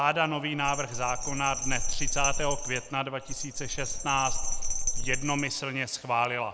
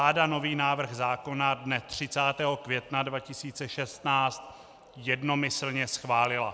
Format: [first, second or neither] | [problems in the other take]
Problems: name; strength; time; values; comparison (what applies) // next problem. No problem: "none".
second | background sound (Bell); 1 dB above the speech